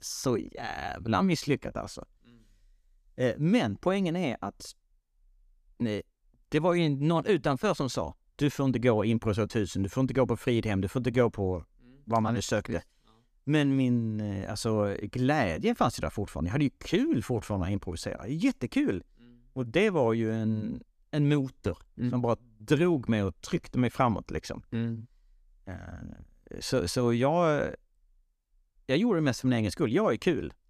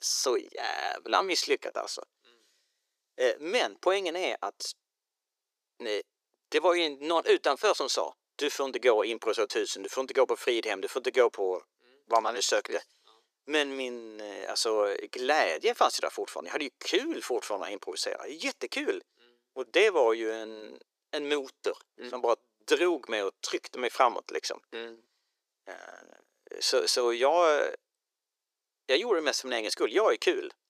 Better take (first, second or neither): first